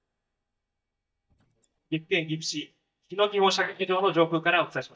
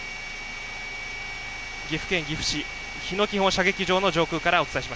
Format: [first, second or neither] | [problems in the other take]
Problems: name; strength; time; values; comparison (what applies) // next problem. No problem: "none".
second | noise reduction (neural mask model DeepFilterNet 3)